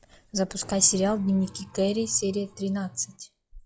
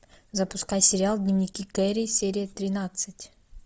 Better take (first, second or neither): second